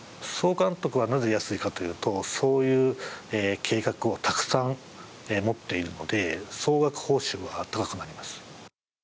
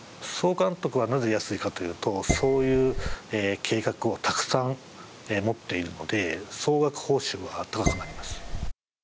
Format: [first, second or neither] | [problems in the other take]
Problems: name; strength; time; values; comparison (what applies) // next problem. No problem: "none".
first | background sound (Dishes, pots, and pans); 2 dB below the speech